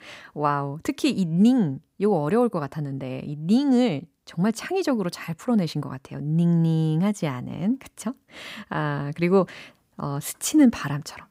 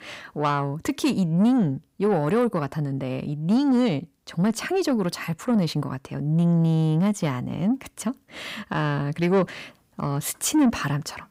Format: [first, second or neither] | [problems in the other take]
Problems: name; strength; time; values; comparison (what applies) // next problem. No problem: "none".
first | distortion; slight; 10 dB below the speech